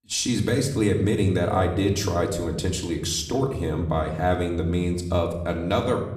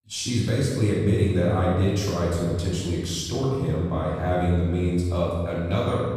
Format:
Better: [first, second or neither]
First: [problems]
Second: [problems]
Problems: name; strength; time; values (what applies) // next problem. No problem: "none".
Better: first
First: room echo; slight; dies away in 0.8 s // off-mic speech; somewhat distant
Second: room echo; strong; dies away in 1.5 s // off-mic speech; far